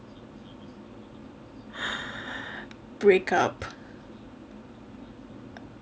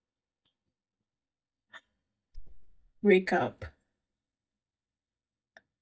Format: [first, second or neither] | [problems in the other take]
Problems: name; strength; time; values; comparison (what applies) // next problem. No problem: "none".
first | noise reduction (neural mask model DeepFilterNet 3)